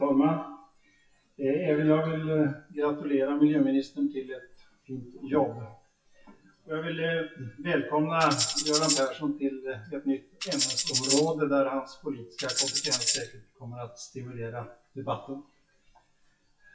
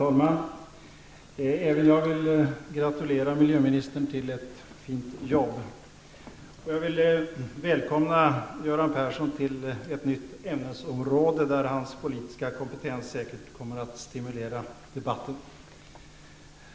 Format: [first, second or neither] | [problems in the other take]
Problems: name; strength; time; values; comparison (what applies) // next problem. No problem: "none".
second | noise reduction (classical method WPE with log-MMSE)